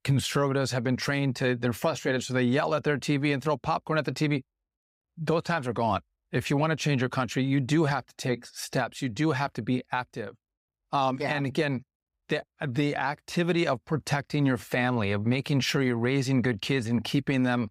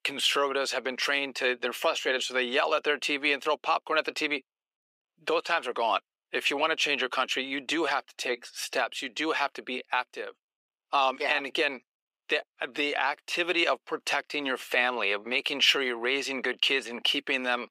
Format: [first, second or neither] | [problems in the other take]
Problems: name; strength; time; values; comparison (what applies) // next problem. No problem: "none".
first | thin; very; fading below 350 Hz